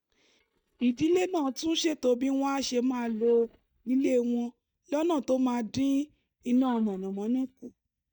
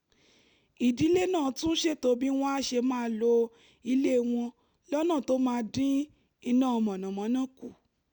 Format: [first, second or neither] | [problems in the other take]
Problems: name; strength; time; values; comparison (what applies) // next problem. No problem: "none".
second | noise reduction (neural mask model DeepFilterNet 3)